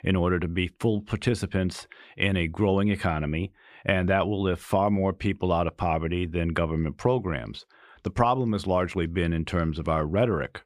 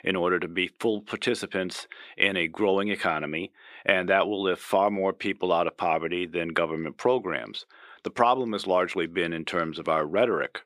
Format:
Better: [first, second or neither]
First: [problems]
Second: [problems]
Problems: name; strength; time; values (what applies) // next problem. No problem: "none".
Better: first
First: none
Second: thin; somewhat; fading below 350 Hz